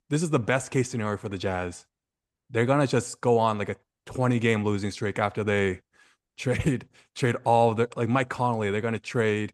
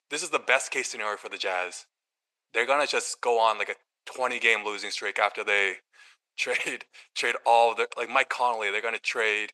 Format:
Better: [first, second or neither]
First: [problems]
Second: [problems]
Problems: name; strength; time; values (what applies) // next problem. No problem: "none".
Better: first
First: none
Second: thin; very; fading below 550 Hz